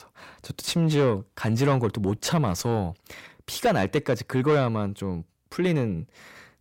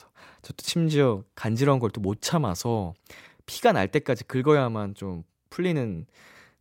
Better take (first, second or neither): second